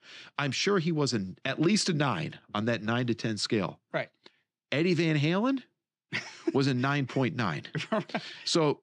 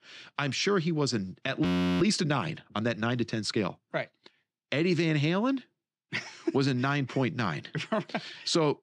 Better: first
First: none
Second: audio freezing; at 1.5 s

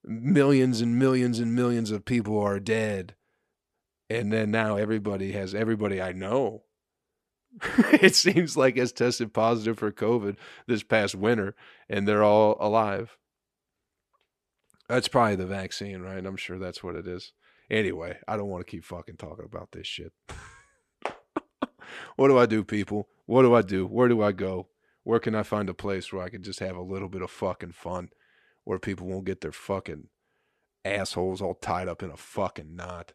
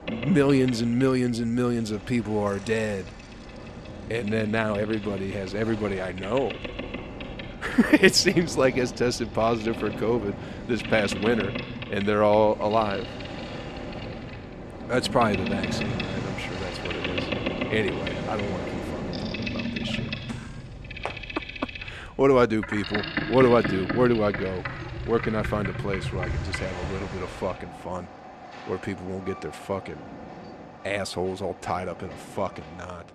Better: first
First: none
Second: train or aircraft noise; loud; throughout; 8 dB below the speech

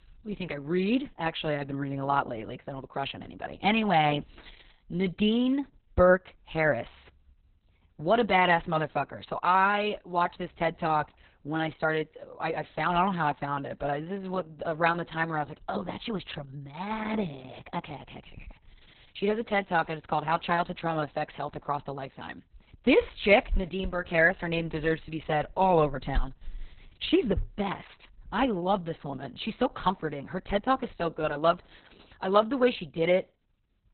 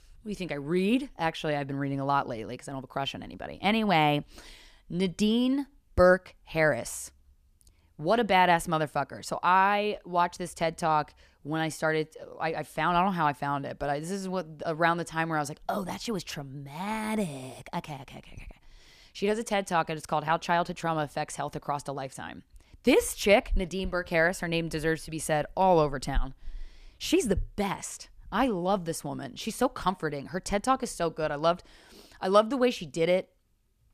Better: second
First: garbled, watery; badly; nothing above 4 kHz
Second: none

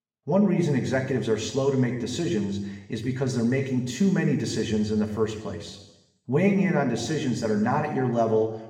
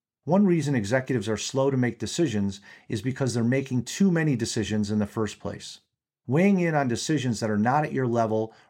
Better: second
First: room echo; noticeable; dies away in 1 s // off-mic speech; somewhat distant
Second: none

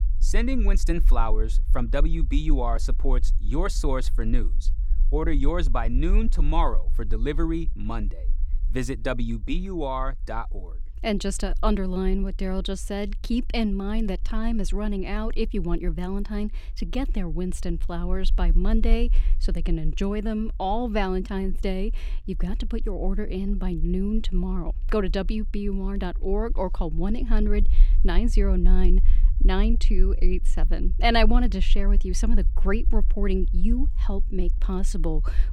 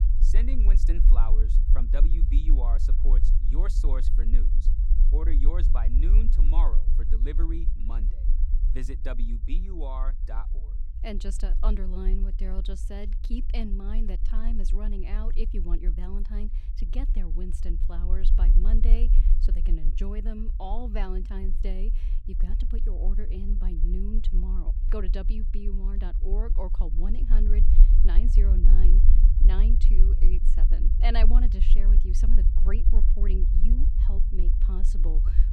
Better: first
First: low rumble; faint; throughout; 20 dB below the speech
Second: low rumble; loud; throughout; 7 dB below the speech

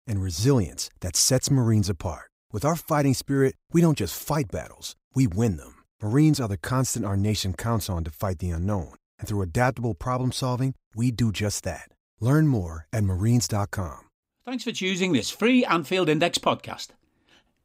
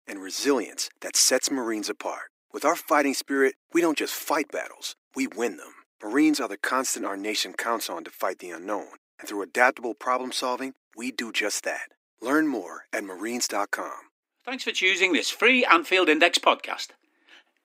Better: first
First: none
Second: thin; somewhat; fading below 300 Hz

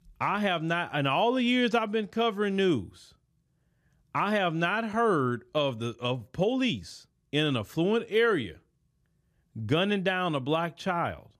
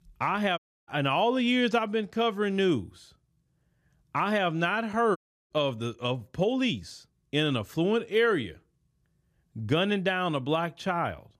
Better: first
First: none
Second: audio cutting out; at 0.5 s and at 5 s

